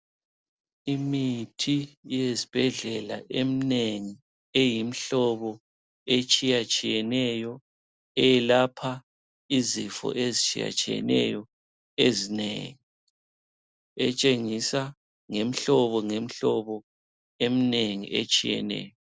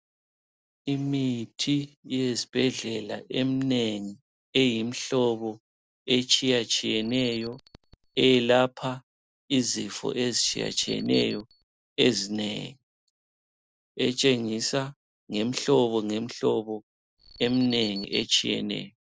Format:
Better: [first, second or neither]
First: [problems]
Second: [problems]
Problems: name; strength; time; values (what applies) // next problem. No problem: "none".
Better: first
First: none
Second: noise reduction (neural mask model DeepFilterNet 3)